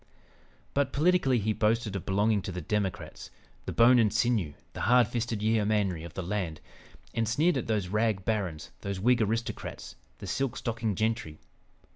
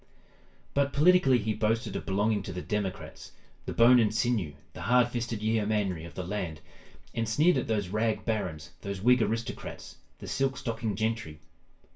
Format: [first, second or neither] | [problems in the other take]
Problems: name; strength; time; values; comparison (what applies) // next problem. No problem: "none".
first | room echo; dies away in 0.2 s